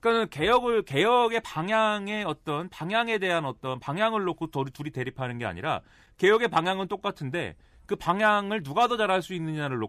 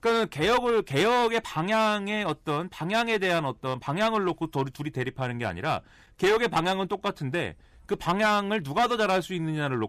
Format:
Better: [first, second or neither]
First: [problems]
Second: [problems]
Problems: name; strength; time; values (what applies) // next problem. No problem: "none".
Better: first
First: none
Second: distortion; slight; 7% of the sound clipped